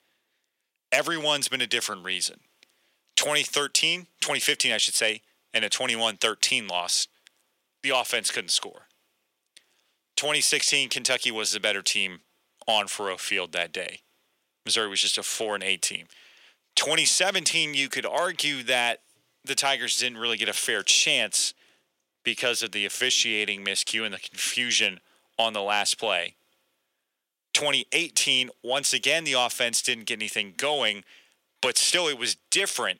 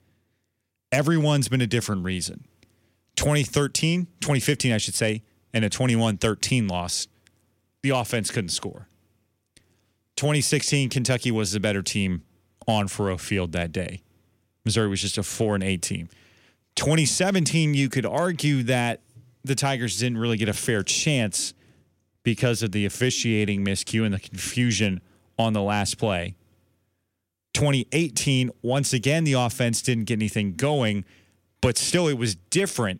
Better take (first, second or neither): second